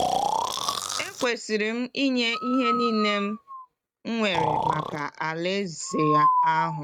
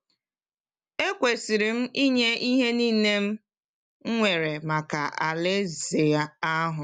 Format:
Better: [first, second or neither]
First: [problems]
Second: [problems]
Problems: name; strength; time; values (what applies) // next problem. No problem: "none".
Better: second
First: noise reduction (neural mask model RNNoise)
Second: none